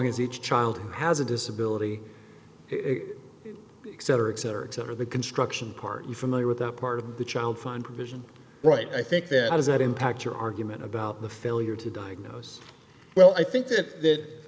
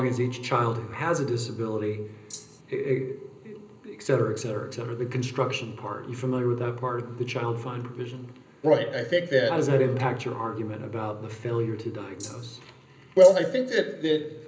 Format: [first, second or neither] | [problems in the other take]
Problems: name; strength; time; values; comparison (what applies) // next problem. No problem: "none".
first | background sound (Rattle (instrument)); 16 dB below the speech // room echo; dies away in 0.5 s